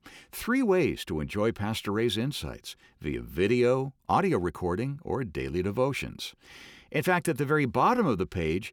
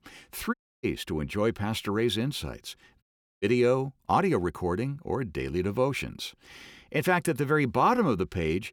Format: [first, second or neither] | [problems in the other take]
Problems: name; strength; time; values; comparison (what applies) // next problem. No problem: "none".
first | audio cutting out; at 0.5 s and at 3 s